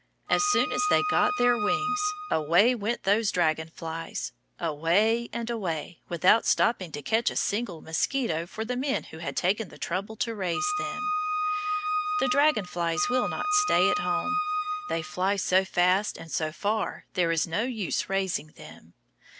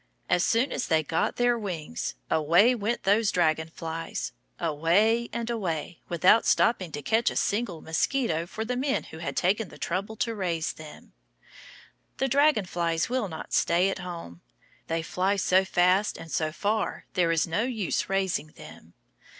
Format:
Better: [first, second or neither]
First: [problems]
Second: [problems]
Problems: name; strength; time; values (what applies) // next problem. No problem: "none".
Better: second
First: background sound (Wind instrument, woodwind instrument); 1 dB below the speech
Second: none